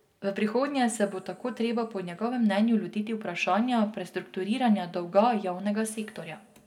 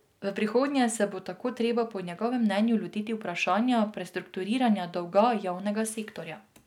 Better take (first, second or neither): second